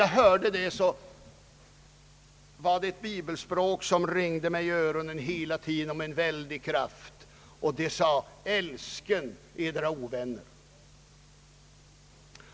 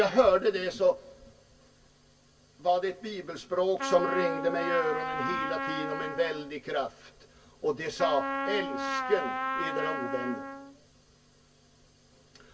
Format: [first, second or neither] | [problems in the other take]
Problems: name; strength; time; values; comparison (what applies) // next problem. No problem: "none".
first | background sound (Trumpet); 4 dB below the speech // room echo; dies away in 0.1 s